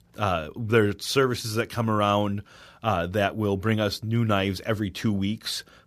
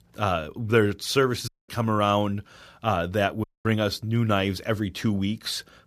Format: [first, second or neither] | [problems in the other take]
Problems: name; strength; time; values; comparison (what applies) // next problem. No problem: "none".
first | audio cutting out; at 1.5 s and at 3.5 s